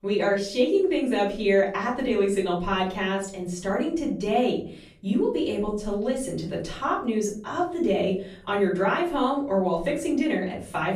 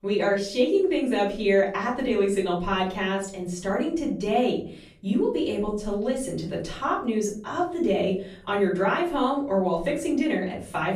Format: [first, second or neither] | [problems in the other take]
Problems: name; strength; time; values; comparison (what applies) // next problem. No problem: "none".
neither | off-mic speech; far; the same in both // room echo; noticeable; dies away in 0.5 s; the same in both